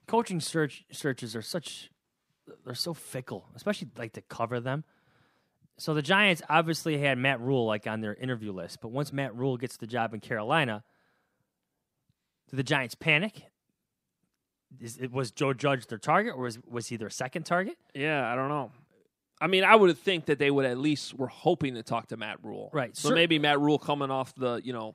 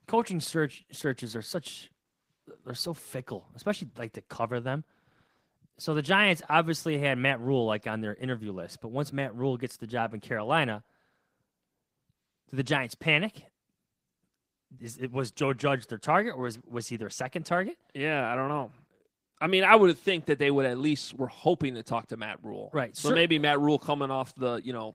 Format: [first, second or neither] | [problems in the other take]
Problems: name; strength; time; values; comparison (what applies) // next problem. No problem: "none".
first | garbled, watery; slightly; nothing above 15.5 kHz